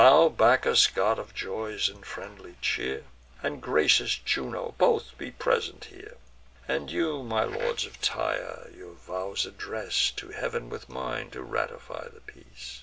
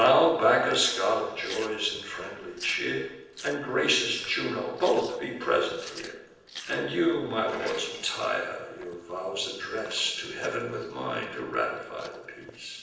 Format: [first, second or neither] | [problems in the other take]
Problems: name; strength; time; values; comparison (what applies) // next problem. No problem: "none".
first | noise reduction (neural separator model SepFormer DNS4)